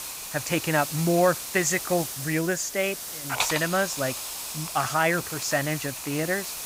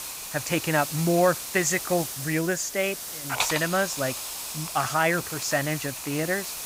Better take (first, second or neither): neither